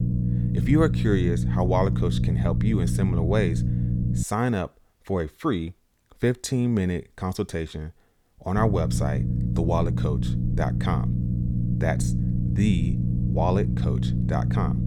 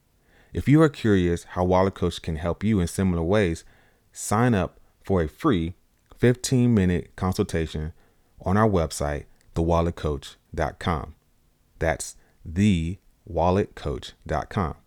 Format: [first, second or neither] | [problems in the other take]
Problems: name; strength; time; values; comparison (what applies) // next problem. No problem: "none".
second | low rumble; loud; until 4 s and from 8.5 s on; 6 dB below the speech